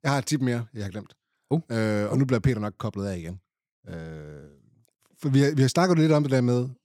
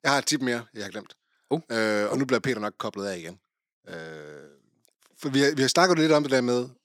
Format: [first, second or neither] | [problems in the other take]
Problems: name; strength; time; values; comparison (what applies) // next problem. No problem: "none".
first | thin; somewhat; fading below 300 Hz